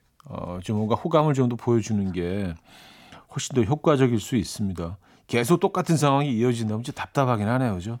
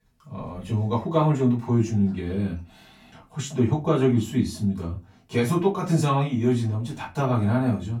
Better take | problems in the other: first | off-mic speech; far // room echo; very slight; dies away in 0.2 s

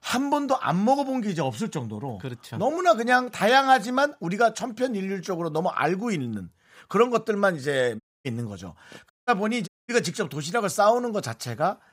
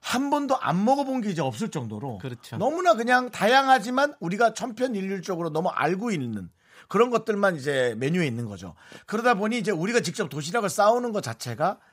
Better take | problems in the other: second | audio cutting out; at 8 s, at 9 s and at 9.5 s

